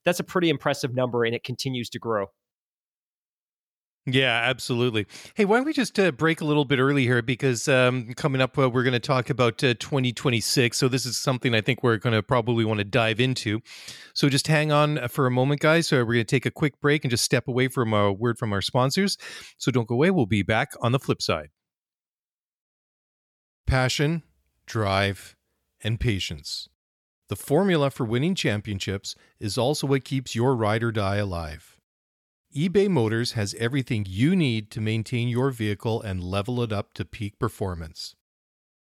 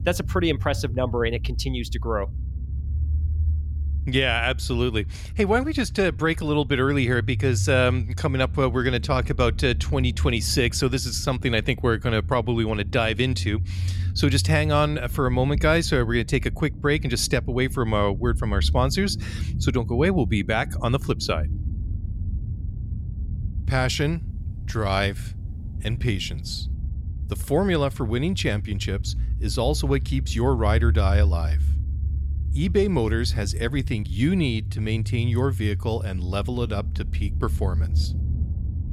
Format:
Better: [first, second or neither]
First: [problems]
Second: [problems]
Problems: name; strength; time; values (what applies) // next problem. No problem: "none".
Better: first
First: none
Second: low rumble; noticeable; throughout; 20 dB below the speech